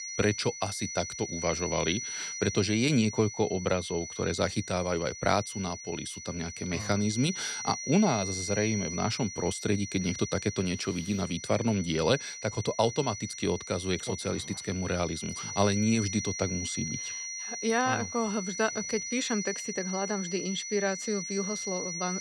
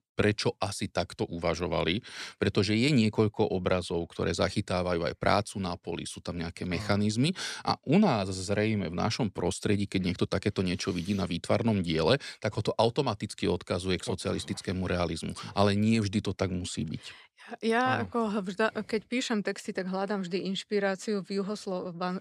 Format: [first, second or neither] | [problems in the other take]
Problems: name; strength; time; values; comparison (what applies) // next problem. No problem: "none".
second | high-pitched whine; loud; throughout; 6 kHz, 6 dB below the speech